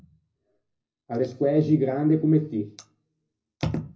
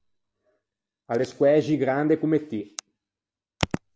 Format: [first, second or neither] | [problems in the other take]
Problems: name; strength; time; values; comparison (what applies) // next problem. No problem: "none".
second | room echo; dies away in 0.4 s